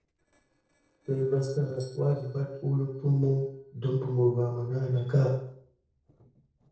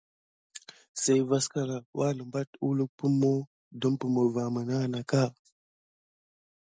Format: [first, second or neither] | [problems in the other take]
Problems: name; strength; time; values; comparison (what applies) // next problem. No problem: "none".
second | noise reduction (neural separator model SepFormer DNS4)